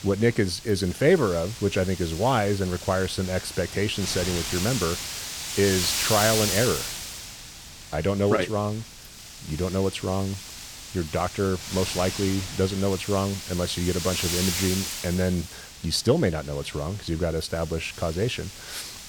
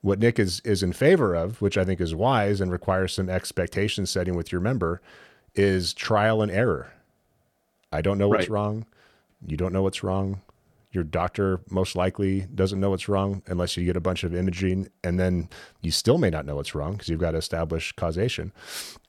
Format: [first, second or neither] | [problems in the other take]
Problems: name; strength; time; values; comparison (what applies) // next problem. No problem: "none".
second | wind noise on the microphone; heavy; 5 dB below the speech